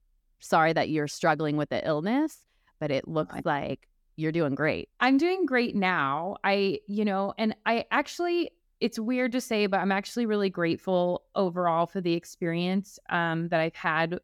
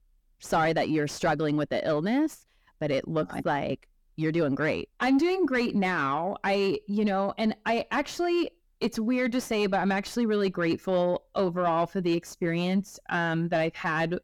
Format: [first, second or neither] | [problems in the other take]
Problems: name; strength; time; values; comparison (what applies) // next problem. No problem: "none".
first | distortion; slight; 10 dB below the speech